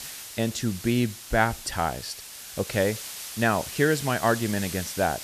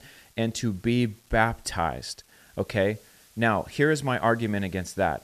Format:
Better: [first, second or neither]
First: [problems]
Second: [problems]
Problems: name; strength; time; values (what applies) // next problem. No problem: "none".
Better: second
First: hiss; loud; throughout; 10 dB below the speech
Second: hiss; faint; throughout; 30 dB below the speech